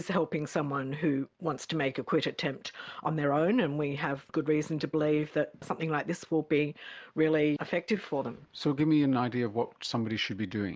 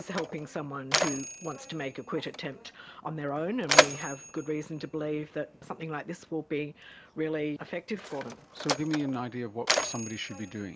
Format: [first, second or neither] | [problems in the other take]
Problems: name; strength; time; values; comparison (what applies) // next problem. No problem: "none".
first | background sound (Mechanisms); 1 dB above the speech